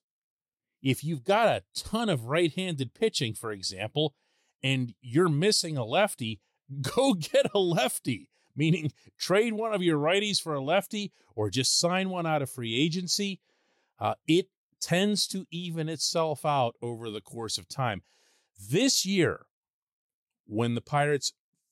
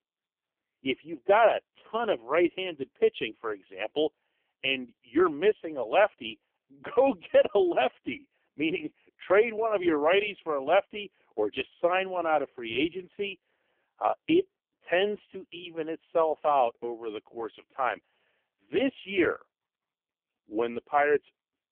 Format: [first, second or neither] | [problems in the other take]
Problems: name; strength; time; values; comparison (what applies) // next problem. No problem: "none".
first | phone-call audio; poor line; nothing above 3 kHz